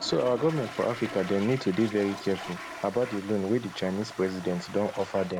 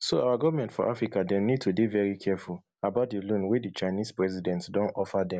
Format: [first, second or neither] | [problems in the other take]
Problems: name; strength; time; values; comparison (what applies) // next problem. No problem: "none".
second | background sound (Toilet flush); 13 dB below the speech